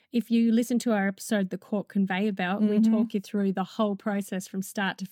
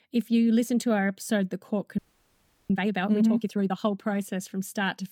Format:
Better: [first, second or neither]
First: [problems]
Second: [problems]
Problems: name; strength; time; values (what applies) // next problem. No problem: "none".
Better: first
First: none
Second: audio freezing; at 2 s for 0.5 s